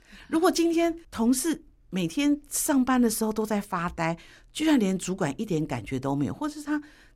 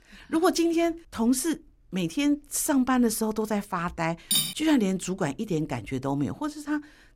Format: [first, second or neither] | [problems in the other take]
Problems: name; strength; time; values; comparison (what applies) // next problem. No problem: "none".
first | clattering dishes; loud; at 4.5 s; peak 3 dB above the speech